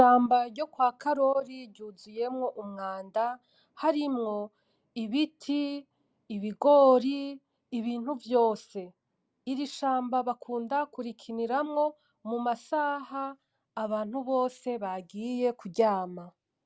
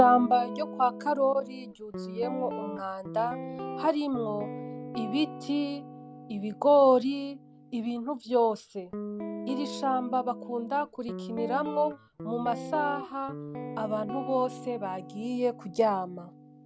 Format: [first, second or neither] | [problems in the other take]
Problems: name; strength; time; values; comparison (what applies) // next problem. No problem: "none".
first | background sound (Guitar); 11 dB below the speech